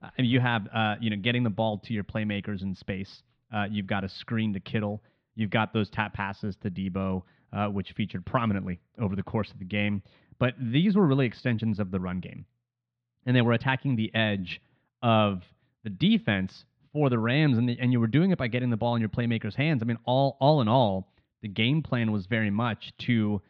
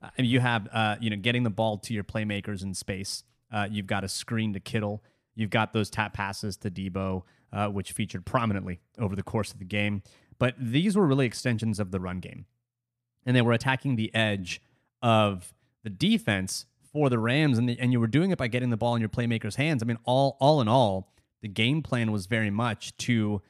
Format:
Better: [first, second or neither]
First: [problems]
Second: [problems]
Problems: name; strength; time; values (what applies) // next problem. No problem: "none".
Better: second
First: muffled; slightly; fading above 4 kHz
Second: none